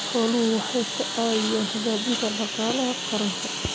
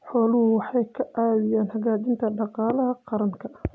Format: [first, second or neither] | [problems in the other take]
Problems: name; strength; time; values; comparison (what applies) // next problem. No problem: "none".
second | background sound (Engine); 4 dB below the speech